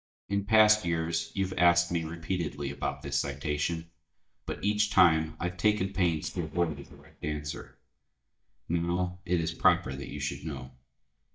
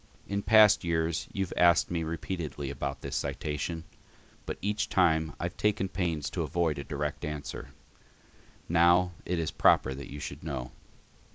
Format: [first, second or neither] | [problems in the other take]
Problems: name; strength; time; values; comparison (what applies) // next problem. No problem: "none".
second | noise reduction (neural mask model DeepFilterNet 3)